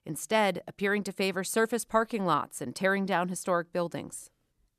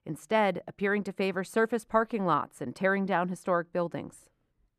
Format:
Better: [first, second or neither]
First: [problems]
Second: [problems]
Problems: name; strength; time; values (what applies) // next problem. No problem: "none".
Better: first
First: none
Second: muffled; slightly; fading above 3.5 kHz